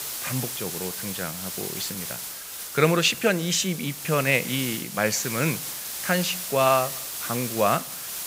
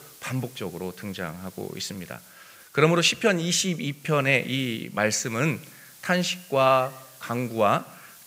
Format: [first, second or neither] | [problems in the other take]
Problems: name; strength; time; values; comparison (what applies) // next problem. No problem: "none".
second | hiss; loud; throughout; 6 dB below the speech; faint in the second